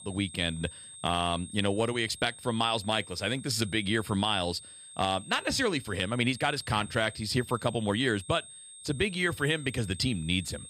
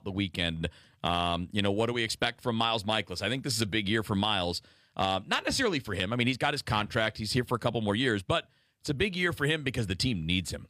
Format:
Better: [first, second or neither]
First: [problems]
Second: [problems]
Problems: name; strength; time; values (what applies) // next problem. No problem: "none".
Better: second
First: high-pitched whine; noticeable; throughout; 8.5 kHz, 15 dB below the speech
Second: none